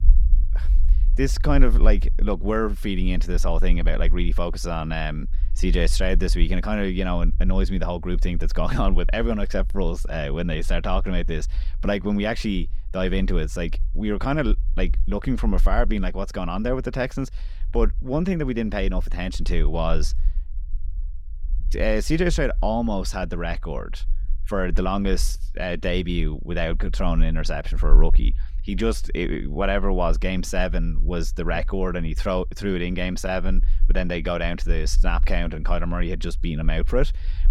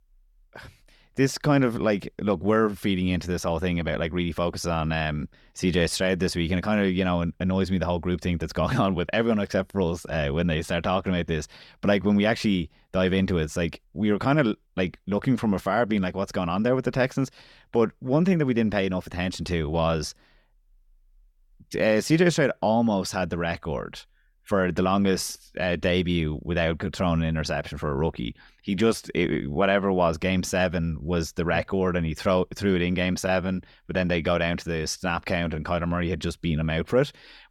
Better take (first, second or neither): second